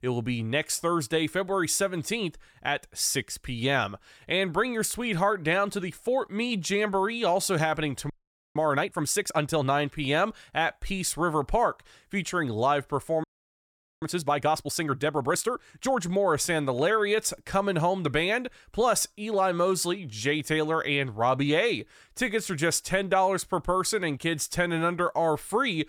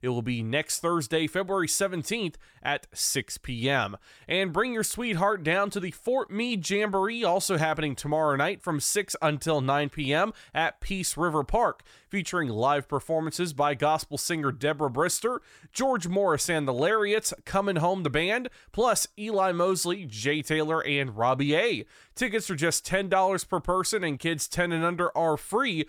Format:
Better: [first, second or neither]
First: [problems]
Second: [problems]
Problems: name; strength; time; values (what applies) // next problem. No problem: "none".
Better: second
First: audio freezing; at 8 s and at 13 s for 1 s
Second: none